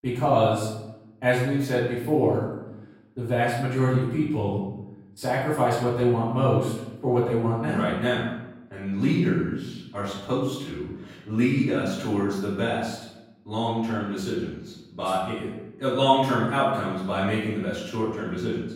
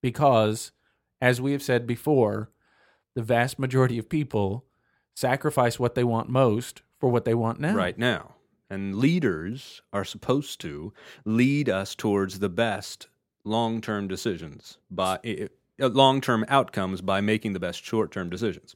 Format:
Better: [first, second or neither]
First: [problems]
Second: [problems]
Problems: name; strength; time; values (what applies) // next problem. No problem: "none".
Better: second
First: off-mic speech; far // room echo; noticeable; dies away in 0.8 s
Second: none